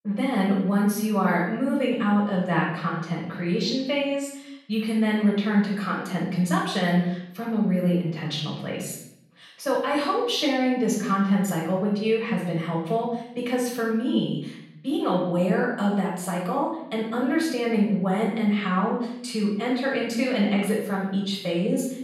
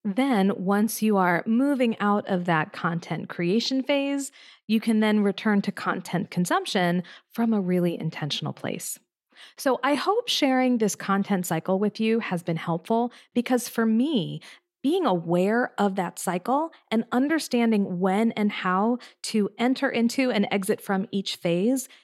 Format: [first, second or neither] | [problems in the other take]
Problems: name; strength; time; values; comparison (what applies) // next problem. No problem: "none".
second | off-mic speech; far // room echo; noticeable; dies away in 0.7 s